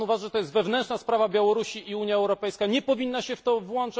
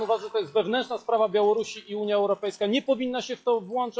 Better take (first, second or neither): first